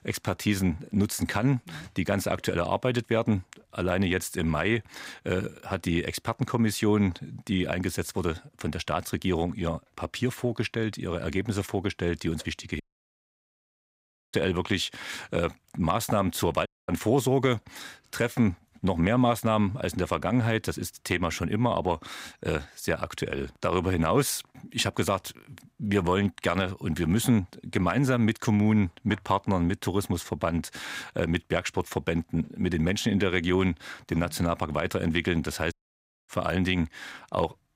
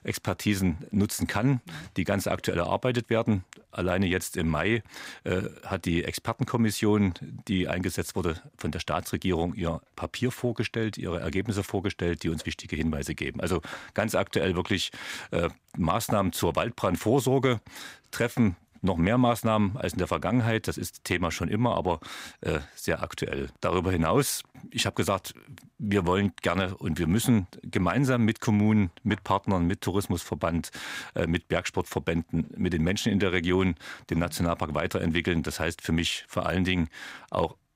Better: second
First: audio cutting out; at 13 s for 1.5 s, at 17 s and at 36 s for 0.5 s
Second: none

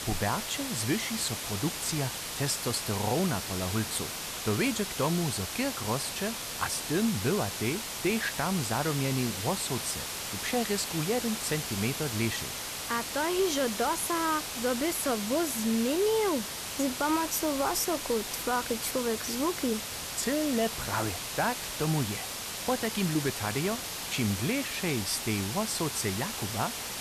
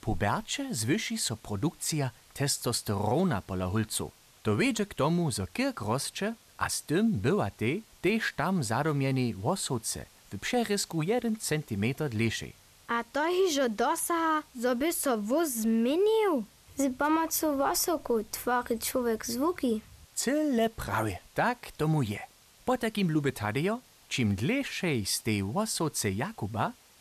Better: second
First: hiss; loud; throughout; 3 dB below the speech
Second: hiss; faint; throughout; 25 dB below the speech

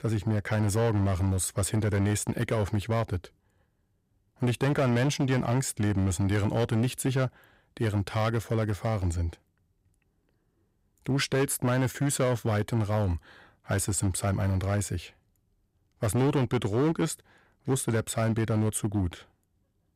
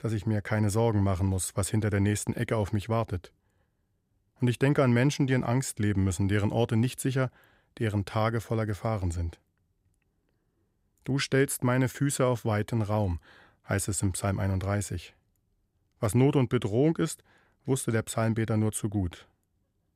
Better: second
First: distortion; slight; 11% of the sound clipped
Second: none

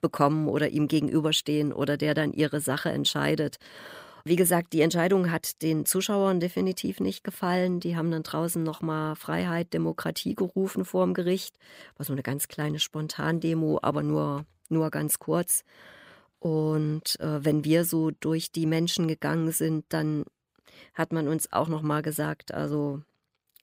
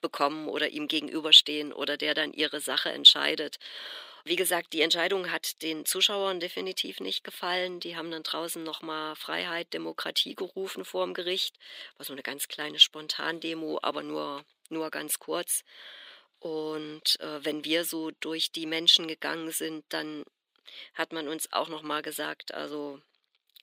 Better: first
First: none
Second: thin; somewhat; fading below 350 Hz

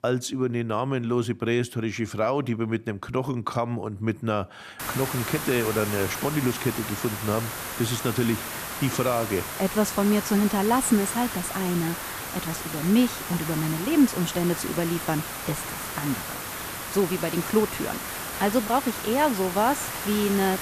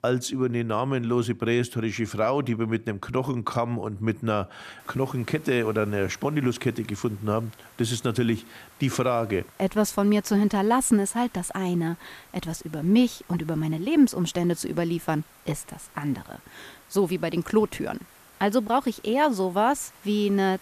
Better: second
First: hiss; loud; from 5 s on; 5 dB below the speech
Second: hiss; faint; from 5 s on; 25 dB below the speech

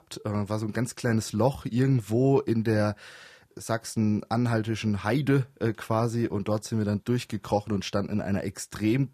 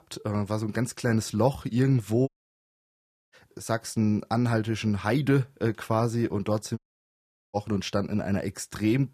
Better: first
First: none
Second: audio cutting out; at 2.5 s for 1 s and at 7 s for 1 s

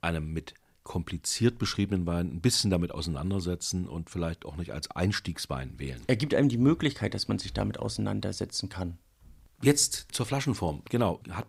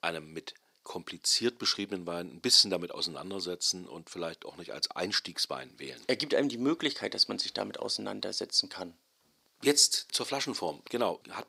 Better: first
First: none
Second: thin; somewhat; fading below 400 Hz

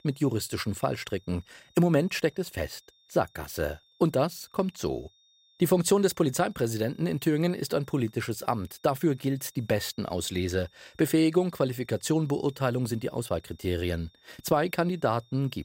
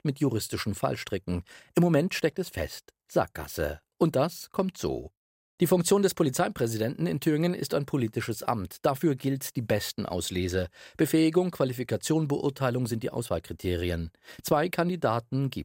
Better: second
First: high-pitched whine; faint; throughout; 3.5 kHz, 35 dB below the speech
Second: none

